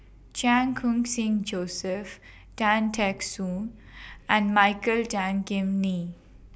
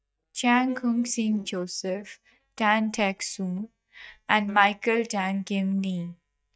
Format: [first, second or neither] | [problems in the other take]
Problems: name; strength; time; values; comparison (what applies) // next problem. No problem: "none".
first | noise reduction (neural mask model DeepFilterNet 3)